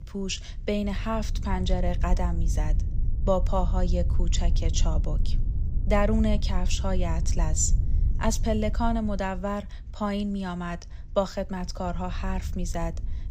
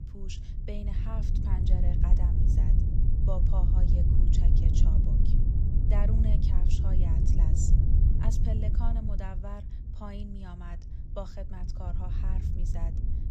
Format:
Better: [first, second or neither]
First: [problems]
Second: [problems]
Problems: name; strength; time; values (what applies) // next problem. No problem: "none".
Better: first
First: wind noise on the microphone; occasional gusts; 15 dB below the speech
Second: wind noise on the microphone; heavy; 1 dB above the speech